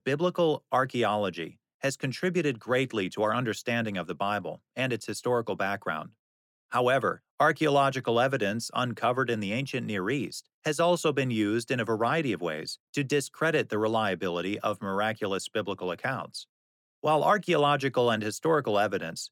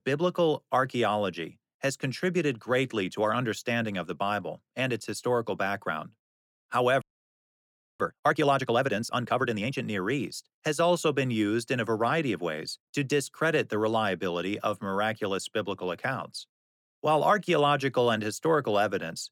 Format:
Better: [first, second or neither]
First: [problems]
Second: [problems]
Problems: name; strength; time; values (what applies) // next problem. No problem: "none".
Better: first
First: none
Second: audio freezing; at 7 s for 1 s